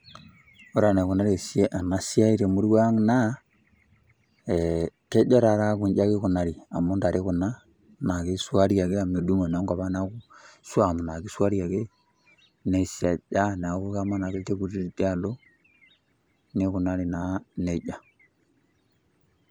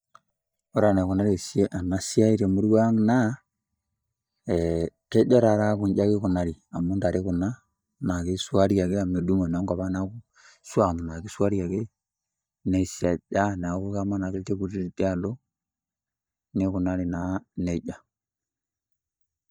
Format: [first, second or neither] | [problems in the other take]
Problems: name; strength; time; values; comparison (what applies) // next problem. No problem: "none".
first | noise reduction (neural mask model DeepFilterNet 3)